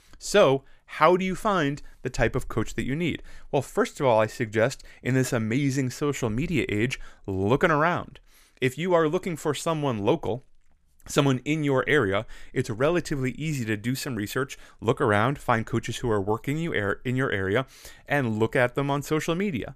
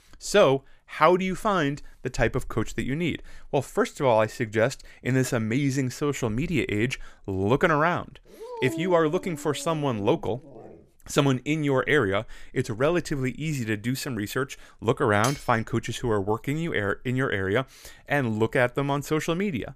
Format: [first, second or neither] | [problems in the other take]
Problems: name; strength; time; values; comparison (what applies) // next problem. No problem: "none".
first | dog barking; noticeable; from 8.5 to 11 s; peak 8 dB below the speech // clattering dishes; noticeable; at 15 s; peak 9 dB below the speech